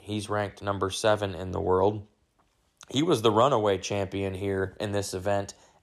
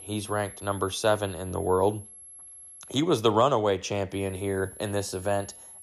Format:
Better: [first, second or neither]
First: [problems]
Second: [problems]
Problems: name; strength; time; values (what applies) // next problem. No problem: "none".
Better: first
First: none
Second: high-pitched whine; noticeable; until 3 s and from 4 s on; 11 kHz, 15 dB below the speech